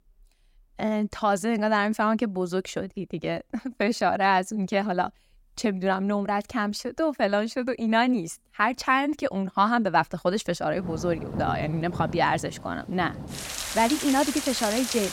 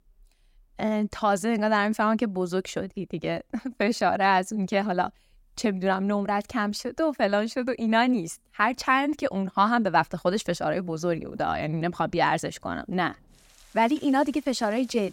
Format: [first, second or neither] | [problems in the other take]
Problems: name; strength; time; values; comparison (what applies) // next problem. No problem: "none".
second | rain or running water; loud; from 11 s on; 7 dB below the speech; faint in the second